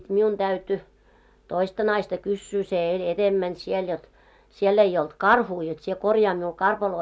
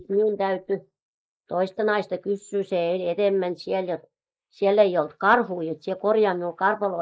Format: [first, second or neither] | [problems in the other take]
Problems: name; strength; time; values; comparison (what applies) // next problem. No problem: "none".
first | noise reduction (neural mask model Resemble Enhance denoiser)